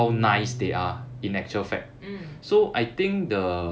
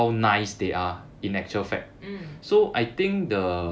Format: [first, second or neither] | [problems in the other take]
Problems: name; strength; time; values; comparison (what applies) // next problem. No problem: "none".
second | background sound (Piano); 11 dB below the speech